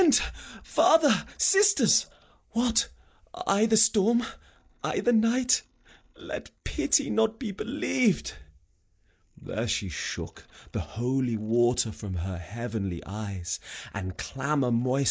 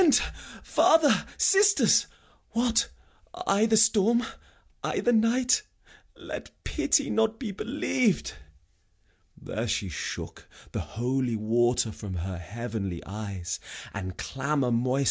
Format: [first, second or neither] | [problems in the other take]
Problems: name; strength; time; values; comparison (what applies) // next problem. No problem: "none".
second | noise reduction (neural mask model Resemble Enhance denoiser)